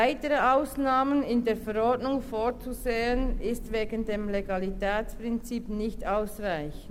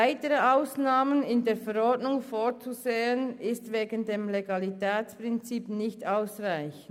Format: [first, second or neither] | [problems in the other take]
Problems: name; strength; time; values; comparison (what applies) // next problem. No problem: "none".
second | background sound (Thunder / Rain); 10 dB below the speech